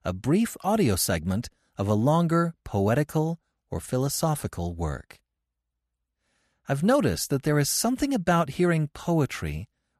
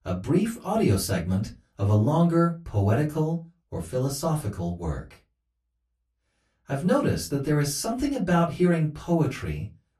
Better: first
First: none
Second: off-mic speech; far // room echo; very slight; dies away in 0.2 s

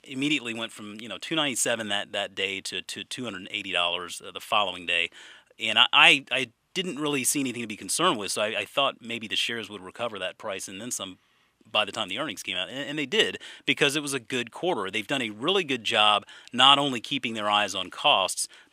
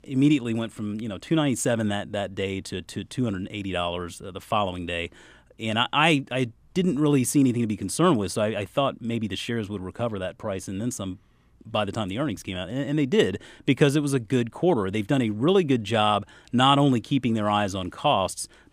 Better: second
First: thin; somewhat; fading below 1 kHz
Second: none

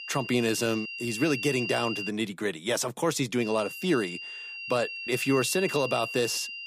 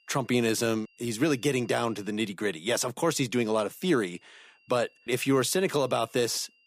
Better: second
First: high-pitched whine; loud; until 2 s and from 3.5 s on; 2.5 kHz, 6 dB below the speech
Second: high-pitched whine; faint; until 2 s and from 3.5 s on; 2.5 kHz, 35 dB below the speech

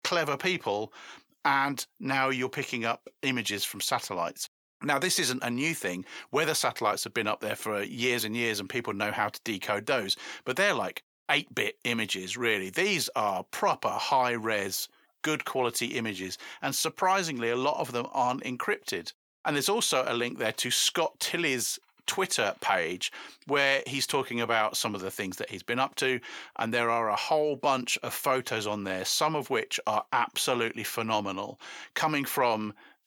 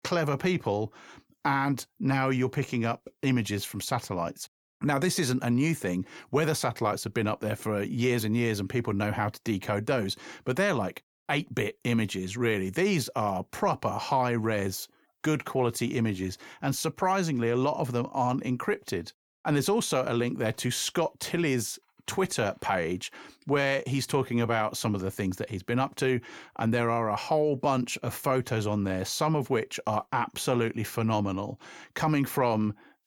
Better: second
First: thin; somewhat; fading below 700 Hz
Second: none

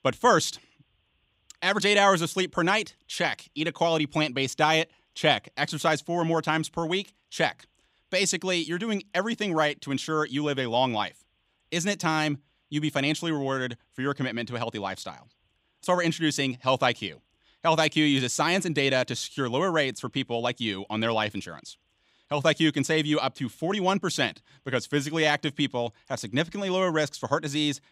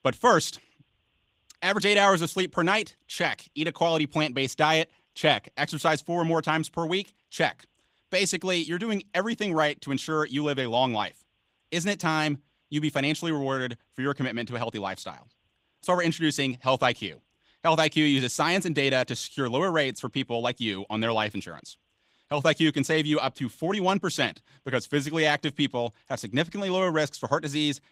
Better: first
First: none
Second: garbled, watery; slightly; nothing above 15.5 kHz

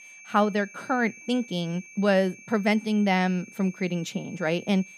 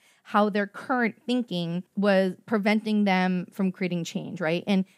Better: second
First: high-pitched whine; noticeable; throughout; 2.5 kHz, 20 dB below the speech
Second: none

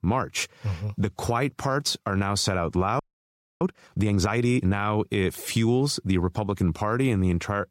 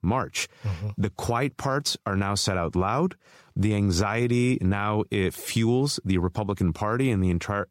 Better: second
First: audio freezing; at 3 s for 0.5 s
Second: none

